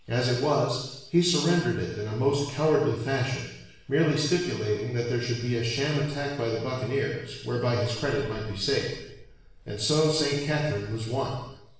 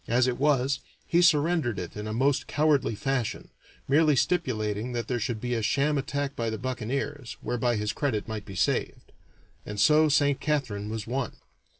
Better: second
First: room echo; dies away in 0.9 s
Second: none

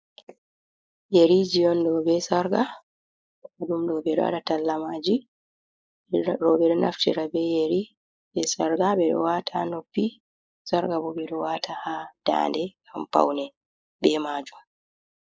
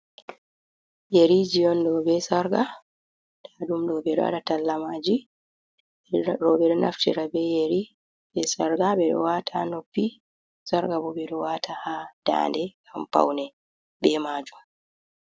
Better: second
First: noise reduction (neural mask model Resemble Enhance denoiser)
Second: none

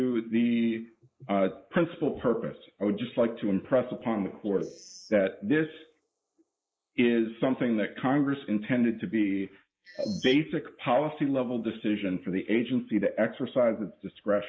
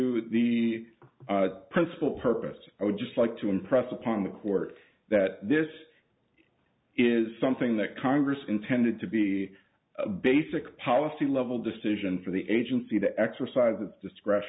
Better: second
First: noise reduction (neural mask model Resemble Enhance denoiser)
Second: none

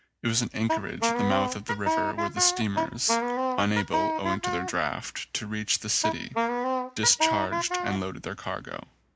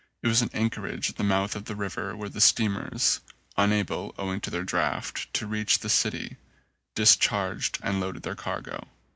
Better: second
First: background sound (Wind instrument, woodwind instrument); 1 dB above the speech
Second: none

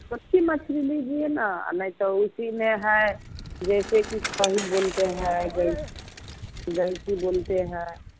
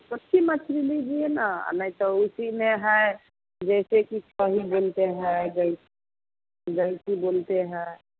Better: second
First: background sound (Bicycle); 12 dB below the speech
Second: none

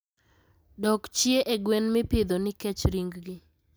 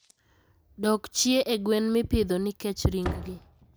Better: first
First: none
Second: background sound (Slam); 15 dB below the speech

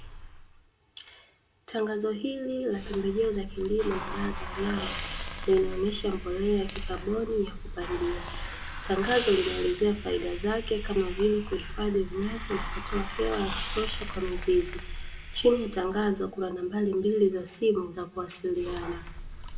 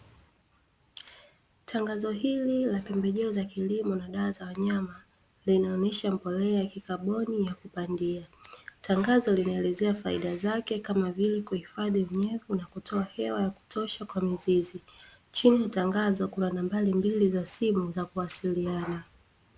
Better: second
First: background sound (Hiss); 8 dB below the speech // room echo; dies away in 0.6 s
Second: none

